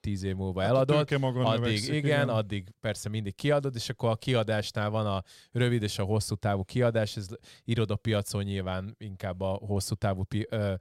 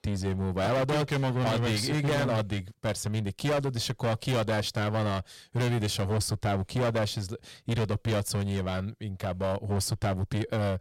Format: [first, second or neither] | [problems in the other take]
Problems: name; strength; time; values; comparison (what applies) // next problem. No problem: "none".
first | distortion; heavy; 22% of the sound clipped